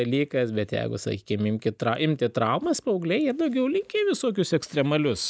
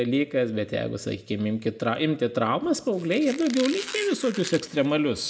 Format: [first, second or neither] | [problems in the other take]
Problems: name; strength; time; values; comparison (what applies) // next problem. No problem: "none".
first | background sound (Squeak); 13 dB below the speech // room echo; dies away in 0.9 s